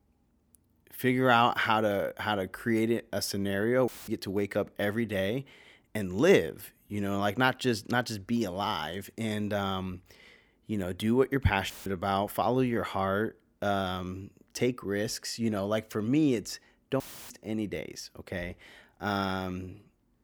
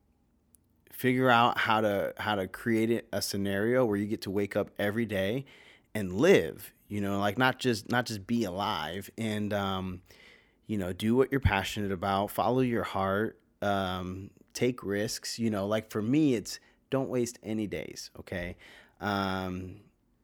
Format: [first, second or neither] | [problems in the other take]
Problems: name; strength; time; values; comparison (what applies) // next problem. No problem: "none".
second | audio cutting out; filled with static; at 4 s, at 12 s and at 17 s